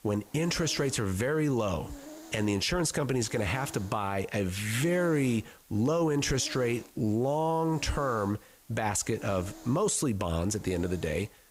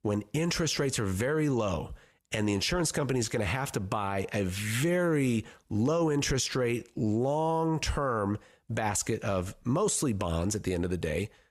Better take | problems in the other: second | hiss; noticeable; throughout; 20 dB below the speech

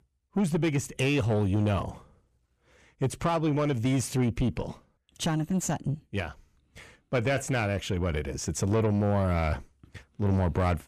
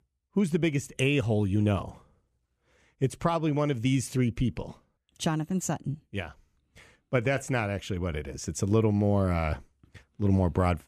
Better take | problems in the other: second | distortion; slight; 9 dB below the speech

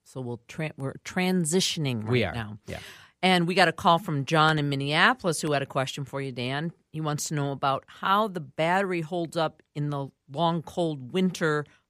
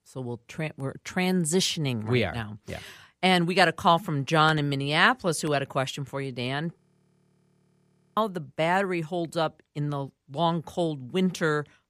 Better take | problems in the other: first | audio freezing; at 7 s for 1.5 s

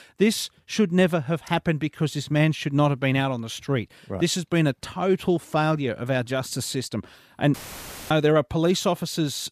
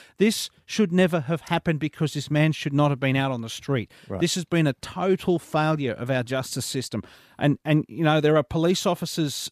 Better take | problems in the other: second | audio cutting out; filled with static; at 7.5 s for 0.5 s

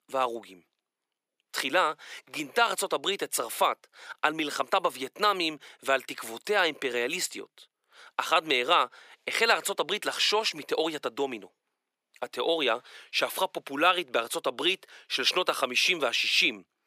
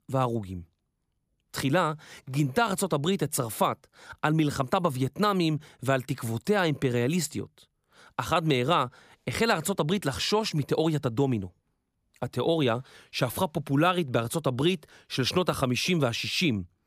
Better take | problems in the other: second | thin; very; fading below 400 Hz

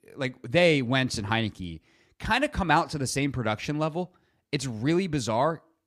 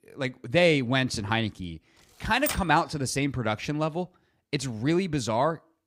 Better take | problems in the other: first | keyboard typing; noticeable; at 2.5 s; peak 5 dB below the speech

